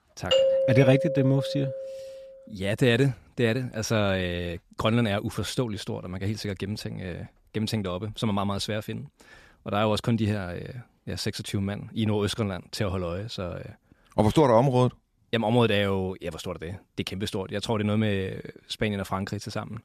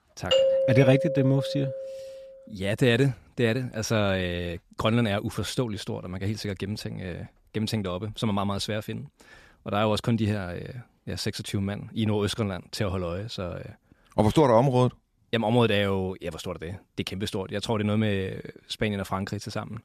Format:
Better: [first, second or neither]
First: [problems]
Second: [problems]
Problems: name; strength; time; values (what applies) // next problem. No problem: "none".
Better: neither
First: doorbell; loud; until 2 s; peak 5 dB above the speech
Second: doorbell; loud; until 2 s; peak 5 dB above the speech